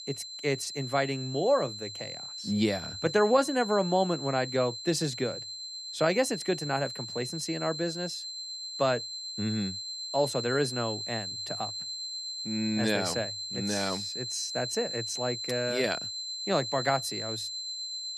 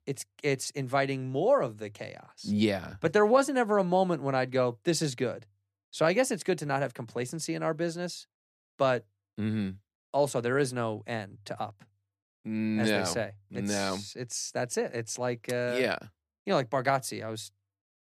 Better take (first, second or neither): second